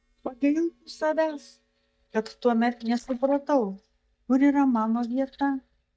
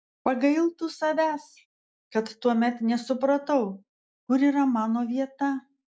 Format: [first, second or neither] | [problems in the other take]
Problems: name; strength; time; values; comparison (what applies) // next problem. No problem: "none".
second | noise reduction (neural mask model DeepFilterNet 3)